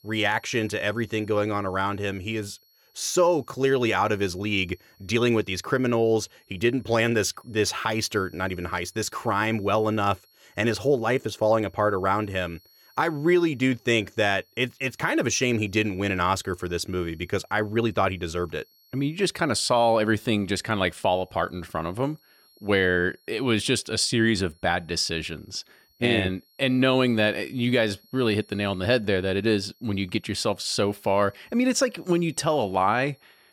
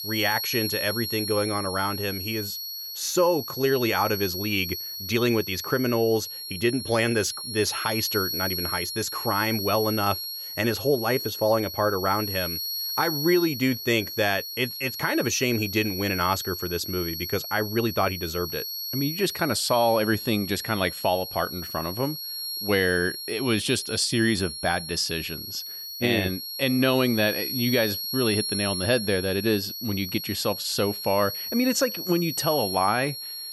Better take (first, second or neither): first